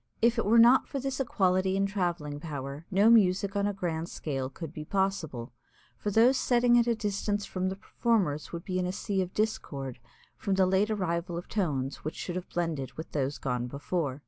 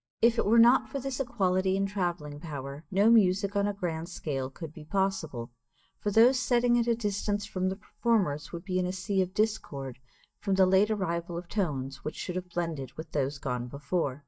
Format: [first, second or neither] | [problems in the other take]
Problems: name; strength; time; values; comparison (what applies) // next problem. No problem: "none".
first | noise reduction (neural mask model DeepFilterNet 3)